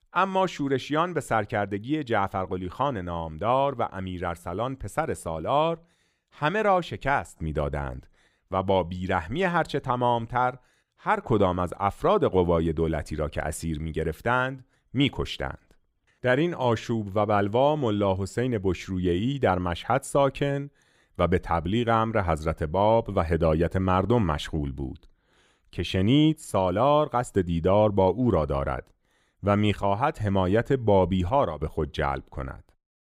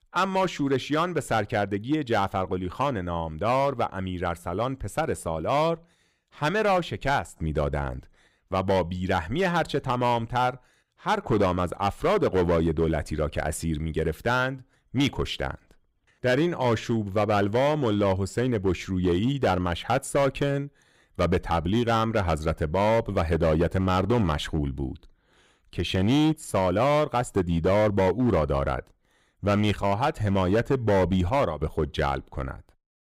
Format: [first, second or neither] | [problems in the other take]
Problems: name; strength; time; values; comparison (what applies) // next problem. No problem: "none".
first | distortion; slight; 7% of the sound clipped